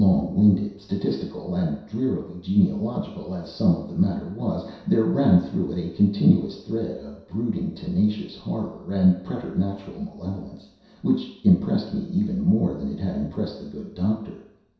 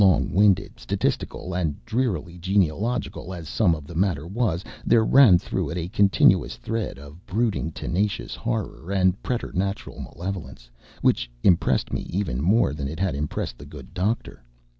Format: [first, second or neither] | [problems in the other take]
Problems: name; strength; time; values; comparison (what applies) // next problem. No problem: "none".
second | room echo; dies away in 0.7 s